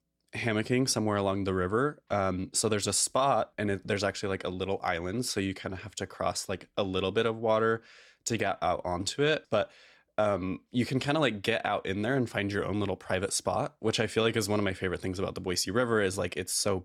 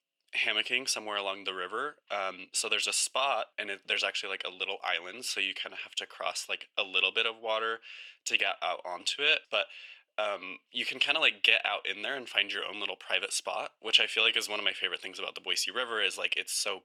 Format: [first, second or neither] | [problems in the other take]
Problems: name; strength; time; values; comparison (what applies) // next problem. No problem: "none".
first | thin; very; fading below 600 Hz